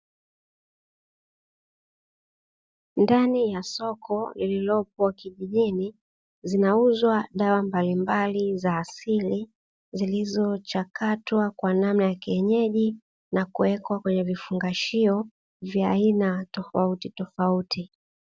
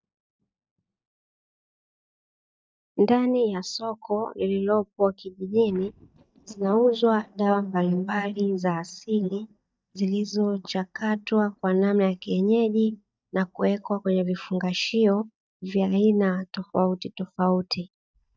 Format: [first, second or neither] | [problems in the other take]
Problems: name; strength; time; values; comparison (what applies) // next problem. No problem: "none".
first | noise reduction (neural mask model DeepFilterNet 3)